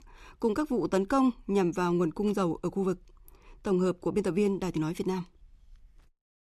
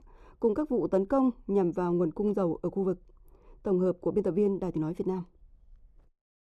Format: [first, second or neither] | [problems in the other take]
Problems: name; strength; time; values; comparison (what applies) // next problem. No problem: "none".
first | muffled; very; fading above 1.5 kHz